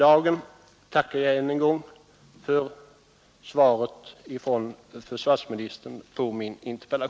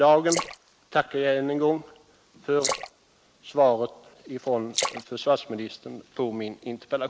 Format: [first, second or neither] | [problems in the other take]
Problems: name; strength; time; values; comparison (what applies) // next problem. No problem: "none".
first | noise reduction (neural mask model Resemble Enhance denoiser)